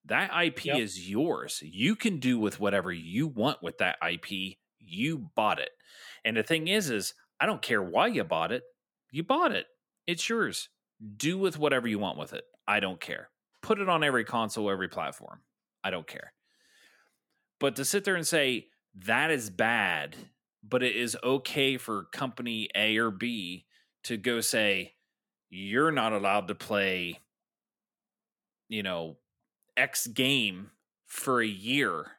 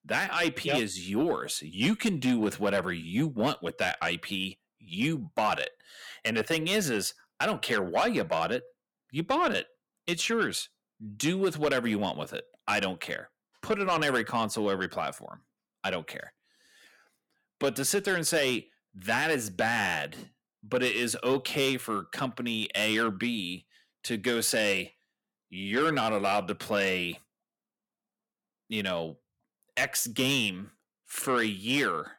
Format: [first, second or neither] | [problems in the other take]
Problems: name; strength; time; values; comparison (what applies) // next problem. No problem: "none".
first | distortion; slight; 10 dB below the speech